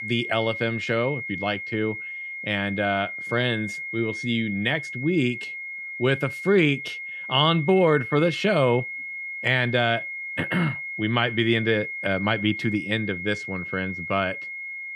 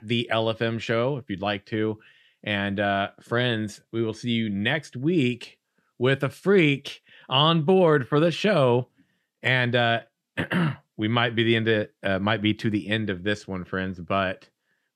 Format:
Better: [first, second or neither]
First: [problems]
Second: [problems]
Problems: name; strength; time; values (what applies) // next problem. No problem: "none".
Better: second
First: high-pitched whine; loud; throughout; 2 kHz, 7 dB below the speech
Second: none